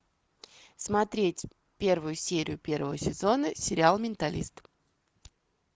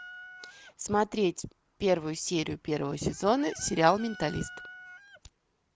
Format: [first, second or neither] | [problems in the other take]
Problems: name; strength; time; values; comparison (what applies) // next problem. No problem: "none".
first | background sound (Chicken, rooster); 19 dB below the speech